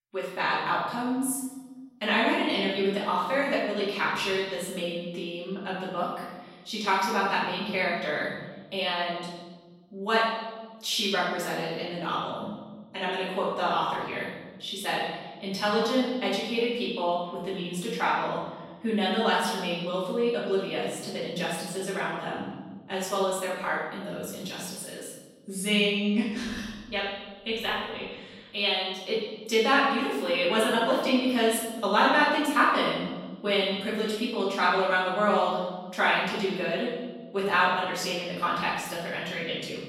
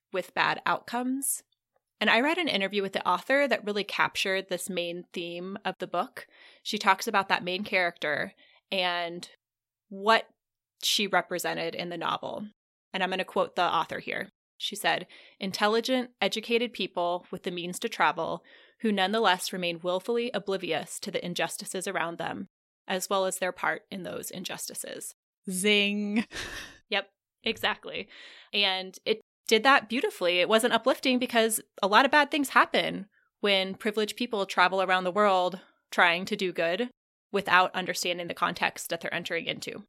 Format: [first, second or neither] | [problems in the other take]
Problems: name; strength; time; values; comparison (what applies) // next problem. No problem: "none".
second | off-mic speech; far // room echo; noticeable; dies away in 1.4 s